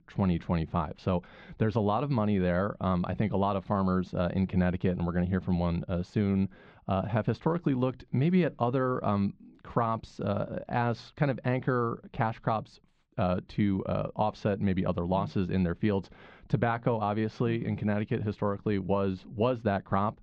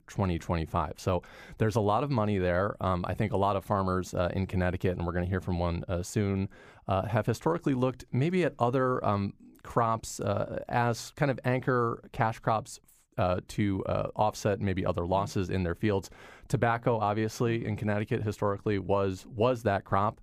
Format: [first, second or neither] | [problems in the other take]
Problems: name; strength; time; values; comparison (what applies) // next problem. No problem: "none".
second | muffled; very slightly; fading above 4 kHz